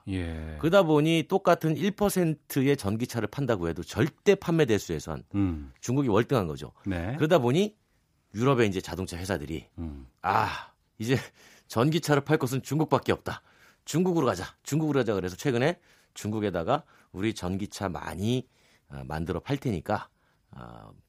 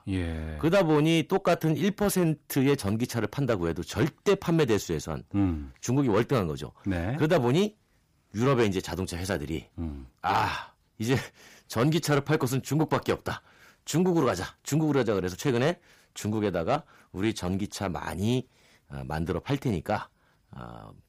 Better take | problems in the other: first | distortion; slight; 10 dB below the speech

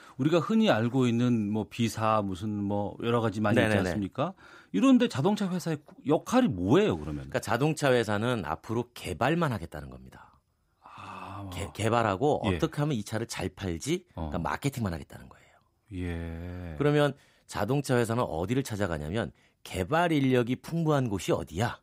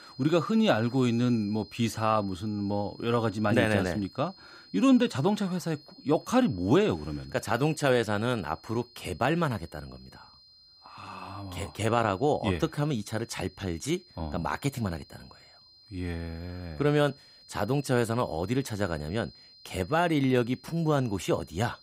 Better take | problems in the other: first | high-pitched whine; faint; throughout; 4 kHz, 25 dB below the speech

